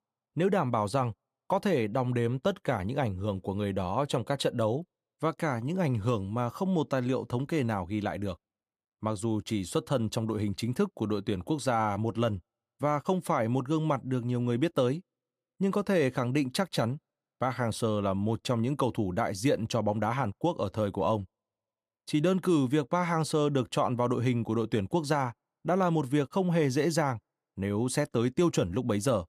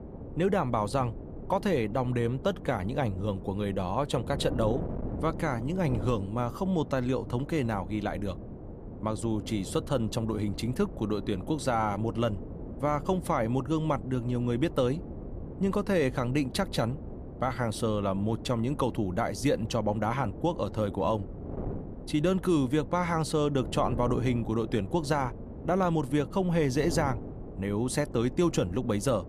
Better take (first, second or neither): first